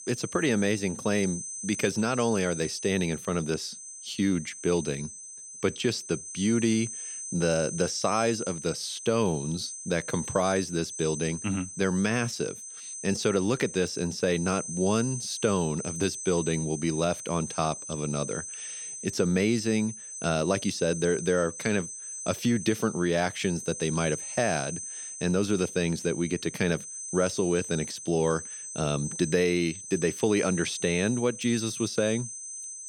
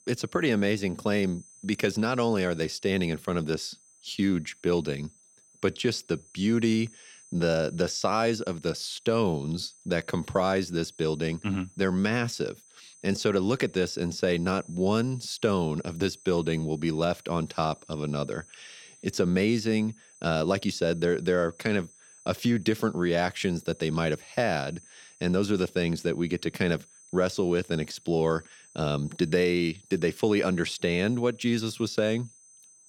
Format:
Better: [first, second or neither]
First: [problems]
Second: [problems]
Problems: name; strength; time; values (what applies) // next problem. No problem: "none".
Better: second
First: high-pitched whine; loud; throughout; 6 kHz, 8 dB below the speech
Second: high-pitched whine; faint; throughout; 6 kHz, 25 dB below the speech